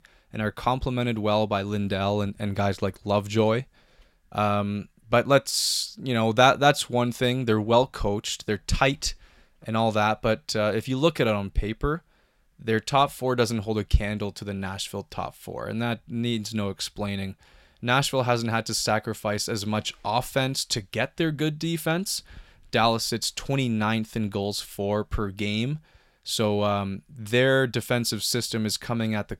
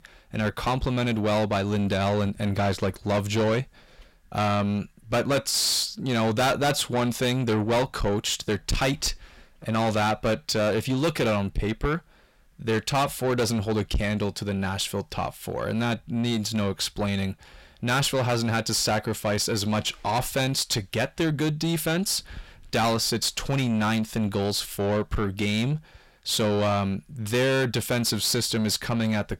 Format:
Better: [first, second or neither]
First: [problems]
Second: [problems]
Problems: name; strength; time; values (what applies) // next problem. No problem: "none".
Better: first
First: none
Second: distortion; heavy; 7 dB below the speech